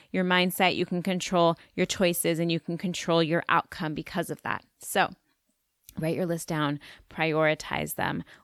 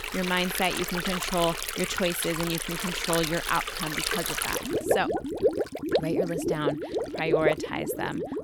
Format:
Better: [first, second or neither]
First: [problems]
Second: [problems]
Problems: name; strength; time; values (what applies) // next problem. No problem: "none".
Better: first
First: none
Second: rain or running water; very loud; throughout; 1 dB above the speech